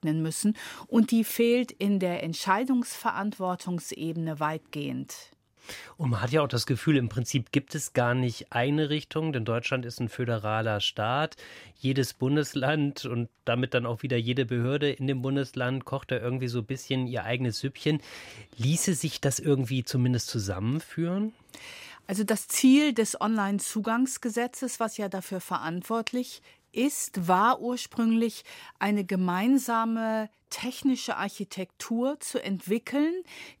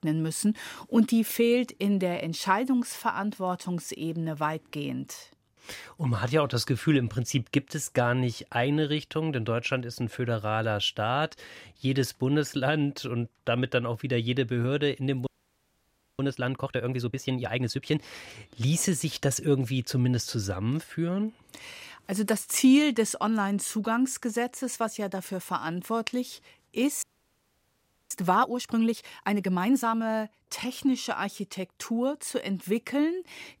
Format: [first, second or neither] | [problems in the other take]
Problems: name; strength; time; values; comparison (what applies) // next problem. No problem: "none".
first | audio freezing; at 15 s for 1 s and at 27 s for 1 s